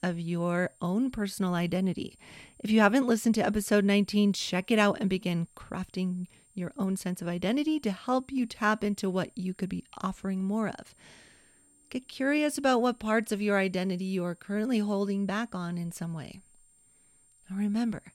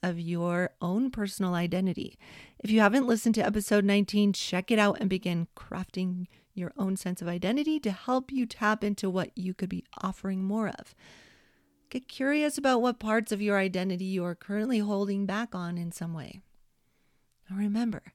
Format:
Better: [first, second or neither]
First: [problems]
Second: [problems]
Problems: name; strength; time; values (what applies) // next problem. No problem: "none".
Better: second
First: high-pitched whine; faint; throughout; 8.5 kHz, 30 dB below the speech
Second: none